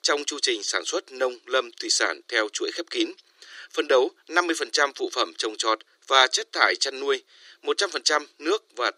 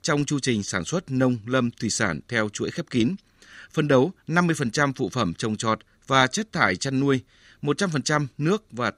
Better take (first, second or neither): second